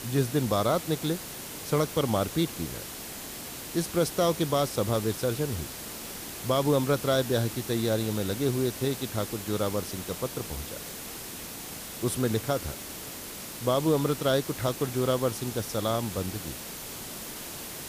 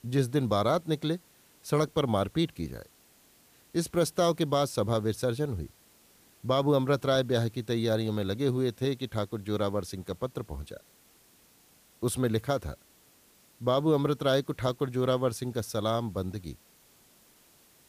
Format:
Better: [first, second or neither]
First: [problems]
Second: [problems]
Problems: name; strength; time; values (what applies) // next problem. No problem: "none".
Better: second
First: hiss; loud; throughout; 8 dB below the speech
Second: hiss; faint; throughout; 30 dB below the speech